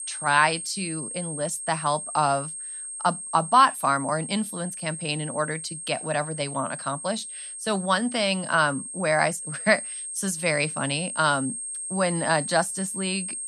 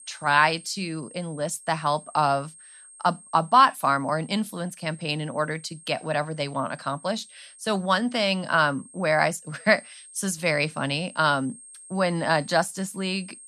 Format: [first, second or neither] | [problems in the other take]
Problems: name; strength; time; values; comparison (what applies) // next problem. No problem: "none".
second | high-pitched whine; loud; throughout; 8.5 kHz, 7 dB below the speech; faint in the second